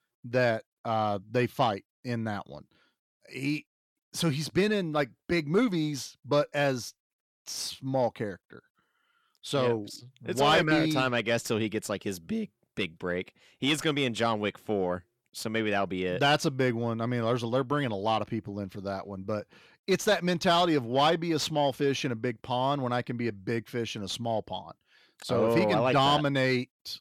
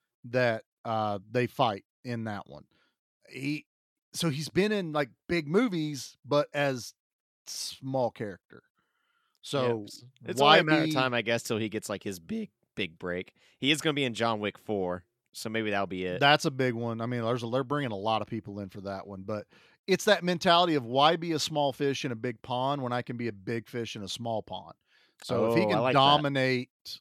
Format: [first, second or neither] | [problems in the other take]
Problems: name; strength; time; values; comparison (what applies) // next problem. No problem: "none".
second | distortion; slight; 10 dB below the speech